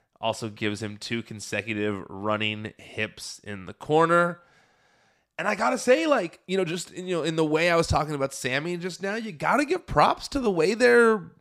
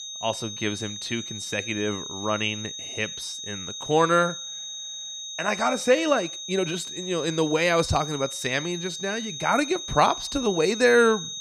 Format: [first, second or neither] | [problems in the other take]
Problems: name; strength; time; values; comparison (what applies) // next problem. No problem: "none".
first | high-pitched whine; loud; throughout; 3.5 kHz, 8 dB below the speech